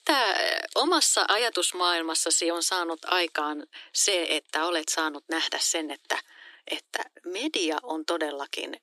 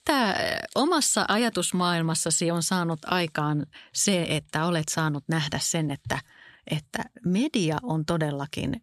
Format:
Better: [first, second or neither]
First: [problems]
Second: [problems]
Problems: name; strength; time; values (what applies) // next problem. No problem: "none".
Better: second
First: thin; very; fading below 300 Hz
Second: none